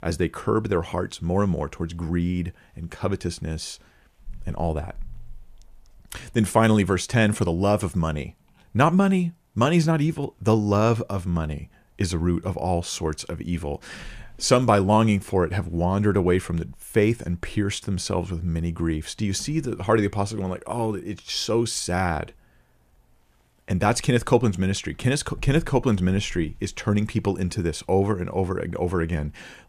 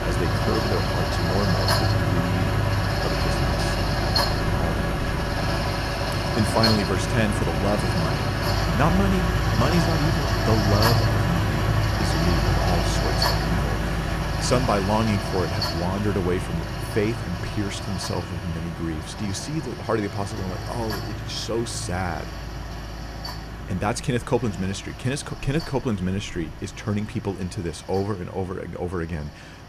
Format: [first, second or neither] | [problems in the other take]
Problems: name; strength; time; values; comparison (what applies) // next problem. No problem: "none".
first | machinery noise; very loud; throughout; 3 dB above the speech